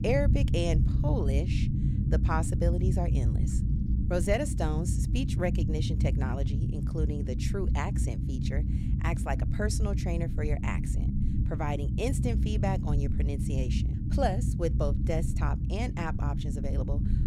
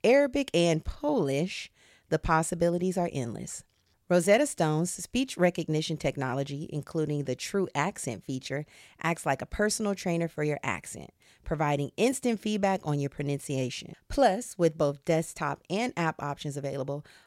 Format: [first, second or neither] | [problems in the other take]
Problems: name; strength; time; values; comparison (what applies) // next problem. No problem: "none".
second | low rumble; loud; throughout; 6 dB below the speech